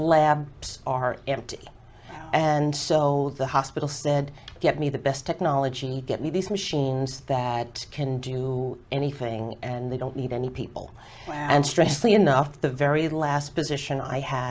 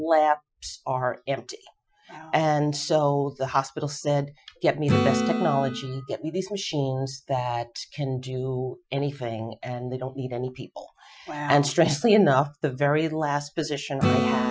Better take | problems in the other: first | noise reduction (classical method Wiener filter)

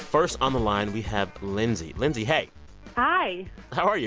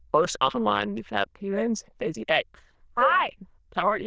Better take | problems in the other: first | noise reduction (neural diffusion model UNIVERSE++)

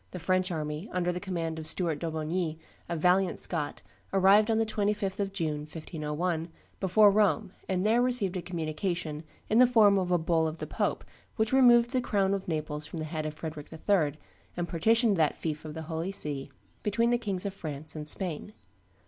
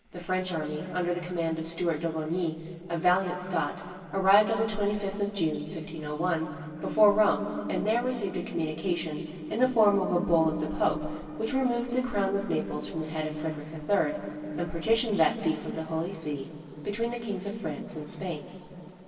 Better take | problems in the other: first | noise reduction (neural separator model SepFormer DNS4)

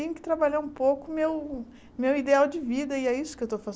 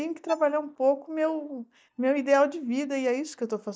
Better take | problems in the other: first | noise reduction (neural mask model DeepFilterNet 3)

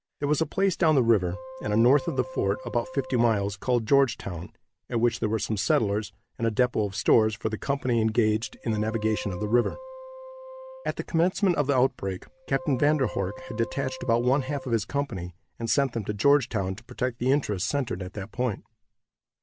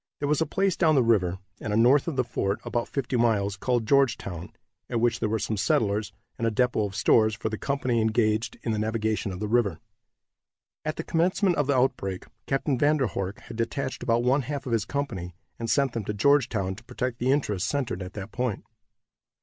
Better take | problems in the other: second | background sound (Wind instrument, woodwind instrument); 16 dB below the speech

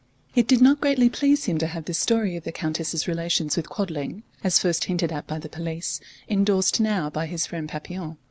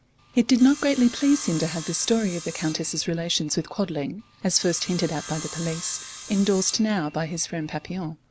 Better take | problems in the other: first | background sound (Sawing); 15 dB below the speech

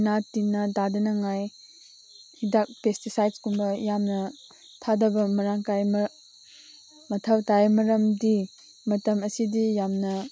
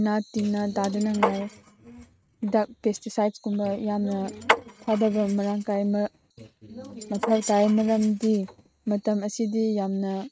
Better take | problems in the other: first | noise reduction (neural mask model RNNoise)

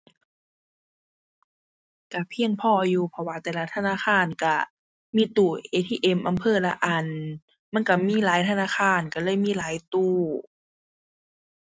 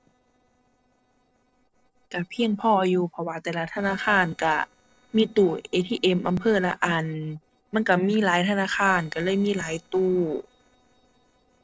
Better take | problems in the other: first | noise reduction (neural separator model SepFormer DNS4)

